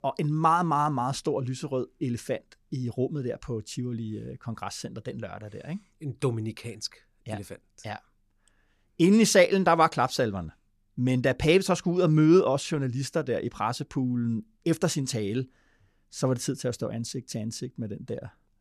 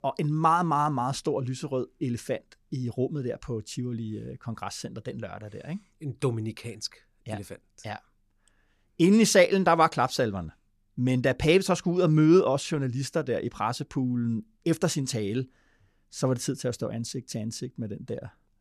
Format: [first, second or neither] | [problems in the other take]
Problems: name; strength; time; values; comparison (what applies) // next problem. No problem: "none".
neither | none